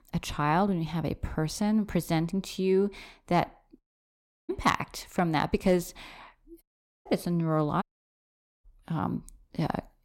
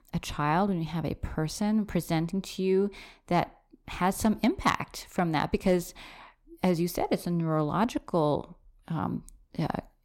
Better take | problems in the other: second | audio cutting out; at 4 s for 0.5 s, at 6.5 s and at 8 s for 1 s

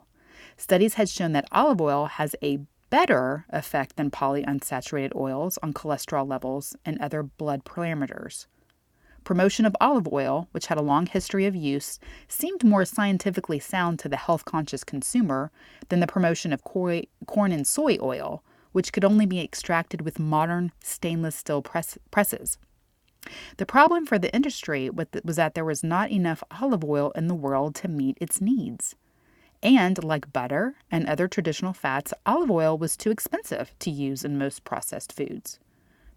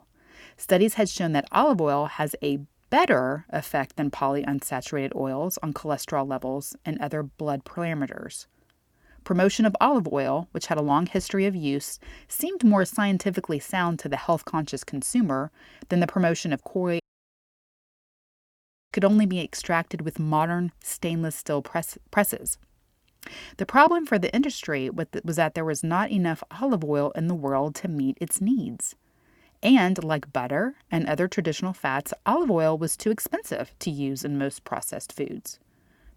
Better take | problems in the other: first | audio cutting out; at 17 s for 2 s

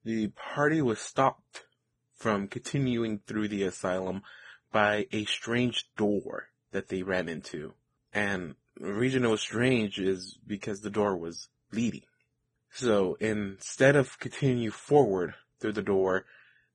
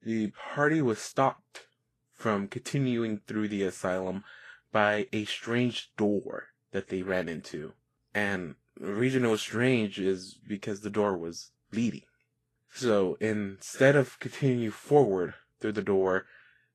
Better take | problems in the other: second | garbled, watery; badly; slightly in the second

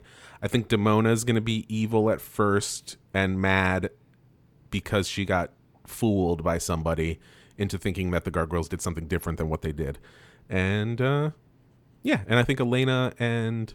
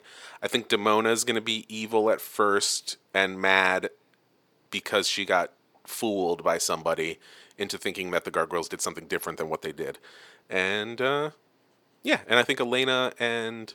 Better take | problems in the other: first | thin; somewhat; fading below 400 Hz

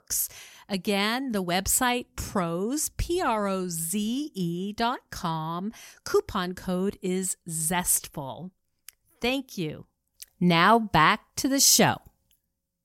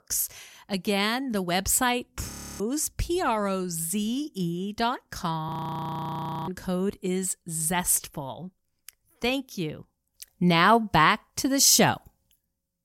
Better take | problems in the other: first | audio freezing; at 2.5 s and at 5.5 s for 1 s

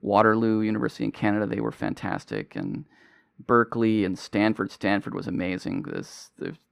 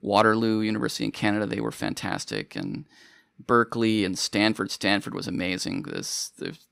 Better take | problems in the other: second | muffled; slightly; fading above 3 kHz

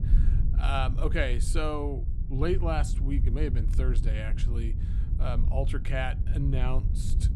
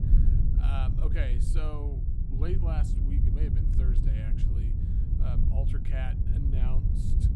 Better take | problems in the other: first | wind noise on the microphone; heavy; 1 dB below the speech; occasional gusts in the first

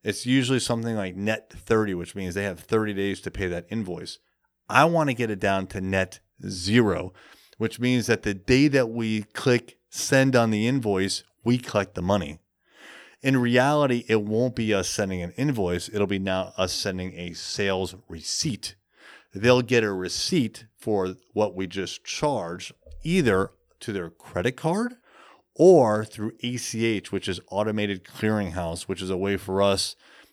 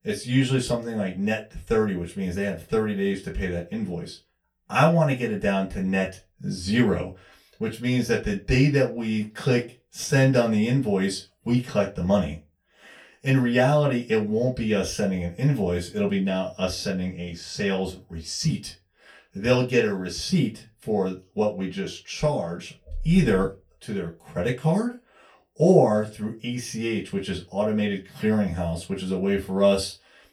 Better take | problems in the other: first | off-mic speech; far // room echo; very slight; dies away in 0.2 s

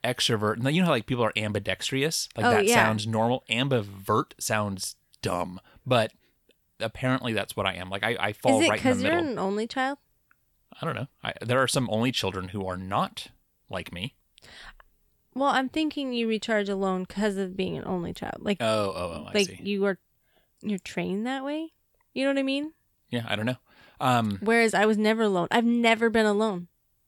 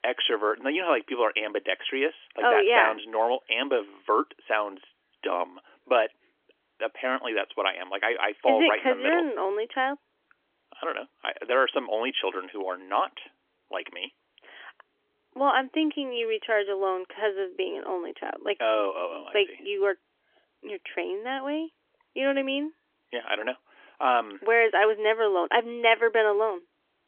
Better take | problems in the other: first | phone-call audio; nothing above 3.5 kHz

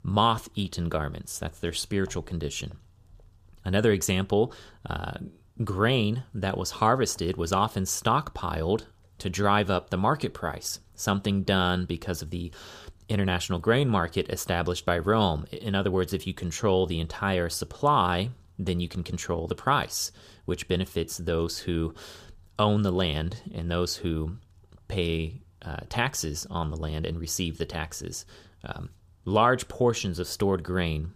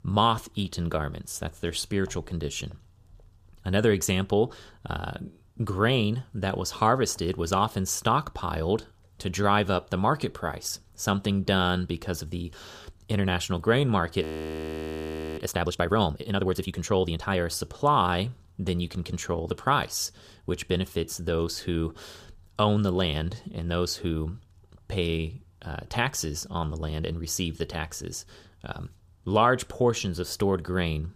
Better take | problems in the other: first | audio freezing; at 14 s for 1 s

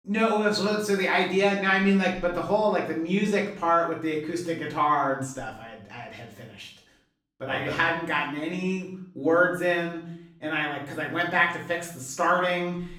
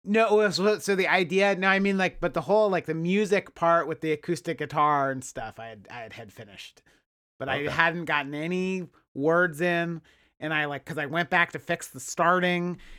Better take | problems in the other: second | off-mic speech; far // room echo; noticeable; dies away in 0.5 s

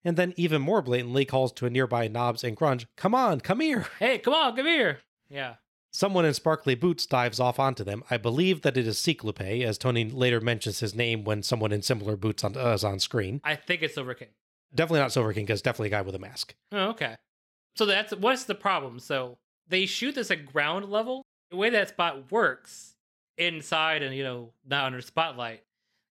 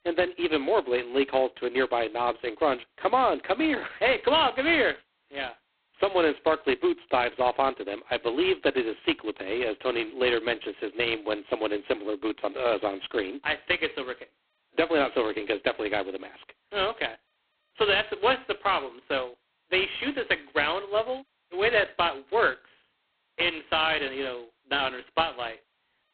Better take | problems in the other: first | phone-call audio; poor line; nothing above 3.5 kHz

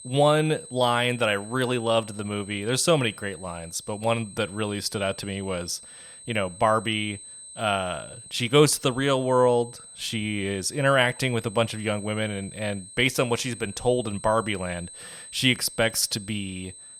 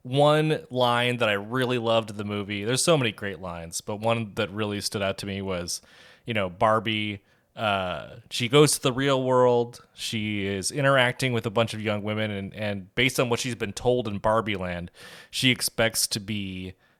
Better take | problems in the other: second | high-pitched whine; noticeable; throughout; 8.5 kHz, 15 dB below the speech

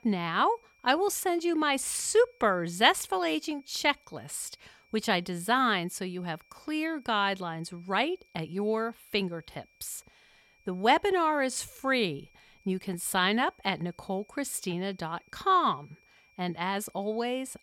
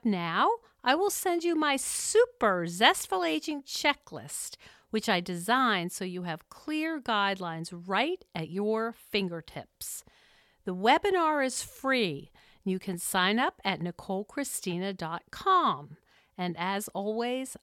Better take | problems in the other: second | high-pitched whine; faint; throughout; 2.5 kHz, 35 dB below the speech

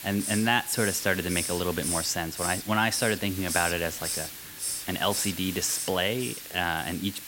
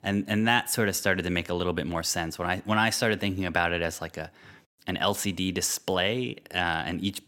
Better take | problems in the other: second | hiss; loud; throughout; 5 dB below the speech

